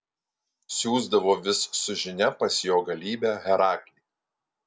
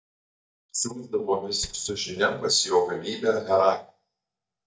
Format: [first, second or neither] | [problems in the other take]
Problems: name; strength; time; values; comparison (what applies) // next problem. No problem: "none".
first | noise reduction (neural mask model DeepFilterNet 3)